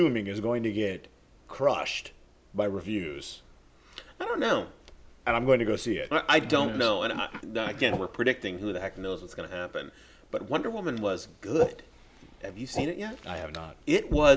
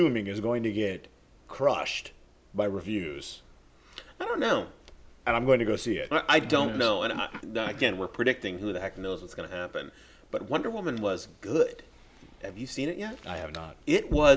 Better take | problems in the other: second | background sound (Whoosh, swoosh, swish); 6 dB below the speech

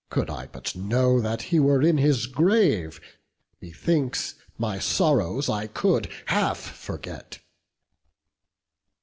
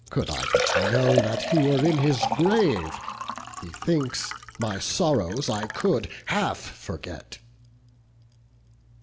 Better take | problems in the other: first | background sound (Liquid); 5 dB below the speech

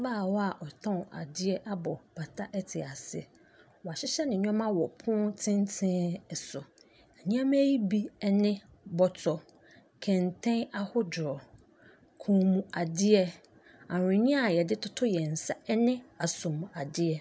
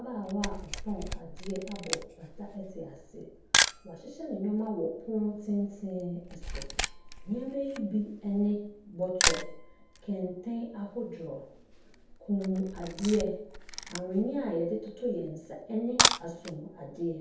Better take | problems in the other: first | background sound (Camera); 1 dB below the speech // room echo; dies away in 0.7 s

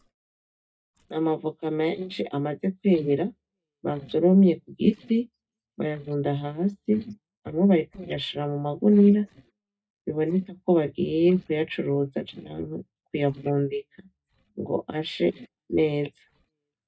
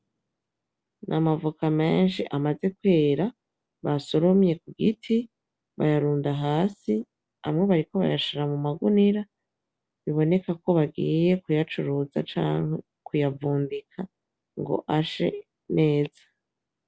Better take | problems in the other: second | noise reduction (neural mask model DeepFilterNet 3)

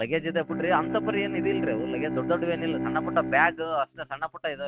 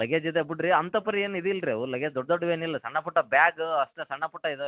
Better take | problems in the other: second | noise reduction (neural mask model RNNoise)

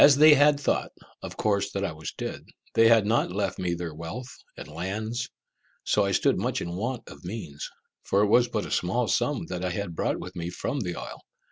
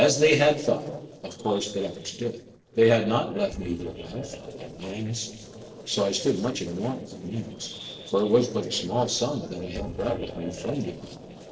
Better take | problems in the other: first | noise reduction (neural separator model SepFormer DNS4)

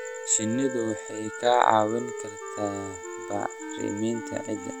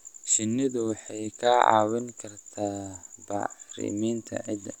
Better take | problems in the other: second | background sound (Wind instrument, woodwind instrument + Wind instrument, woodwind instrument); 9 dB below the speech

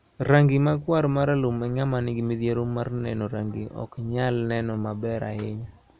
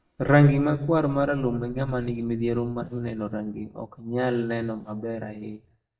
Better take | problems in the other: first | noise reduction (neural mask model DeepFilterNet 3)

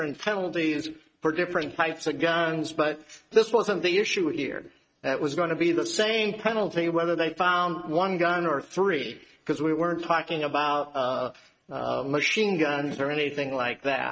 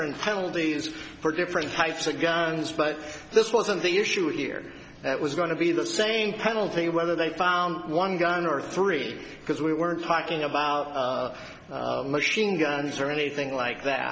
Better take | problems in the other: second | noise reduction (neural mask model RNNoise)

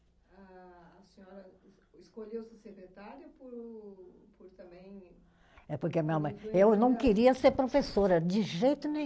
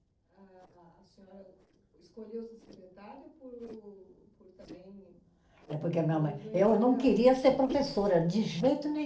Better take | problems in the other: first | noise reduction (neural separator model SepFormer DNS4)

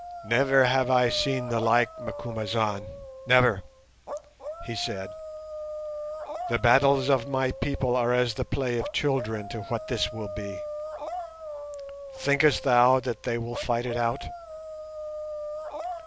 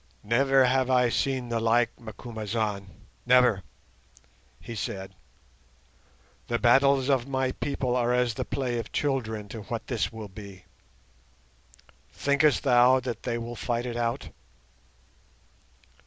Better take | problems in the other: second | background sound (Dog); 10 dB below the speech

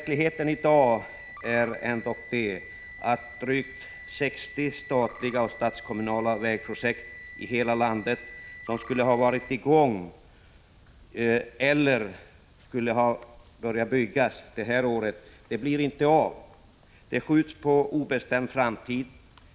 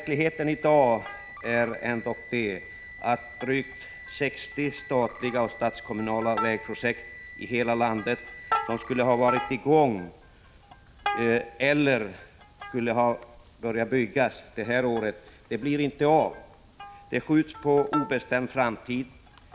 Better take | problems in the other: first | background sound (Plucked string instrument); 13 dB below the speech

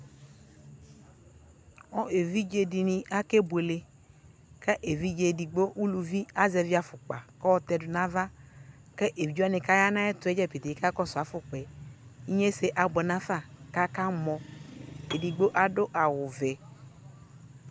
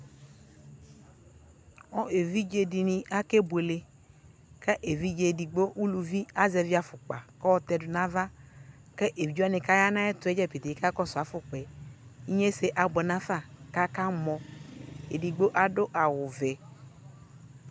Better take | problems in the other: second | background sound (Piano); 19 dB below the speech

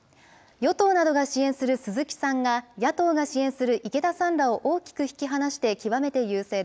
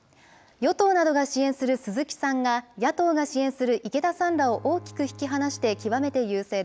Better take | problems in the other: first | background sound (Bowed string instrument); 19 dB below the speech

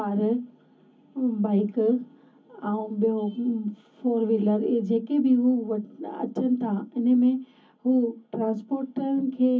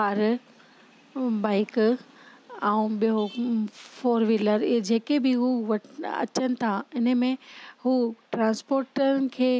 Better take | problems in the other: second | room echo; dies away in 0.3 s

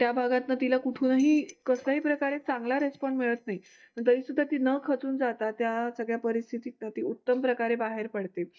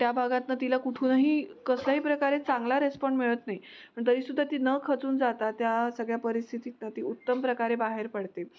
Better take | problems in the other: second | noise reduction (neural mask model DeepFilterNet 3)

